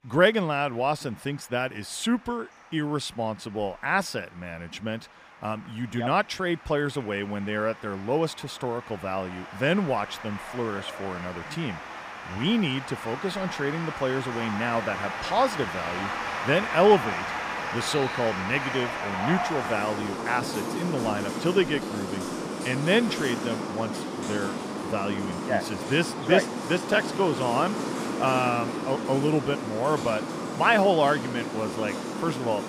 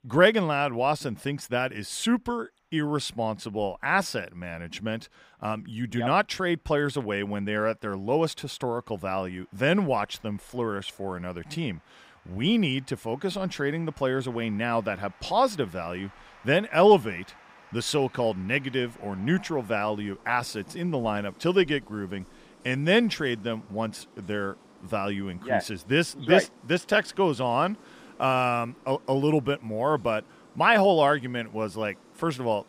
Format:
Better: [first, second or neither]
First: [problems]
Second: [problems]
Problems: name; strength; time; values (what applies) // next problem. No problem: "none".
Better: second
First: rain or running water; loud; throughout; 5 dB below the speech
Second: rain or running water; faint; throughout; 25 dB below the speech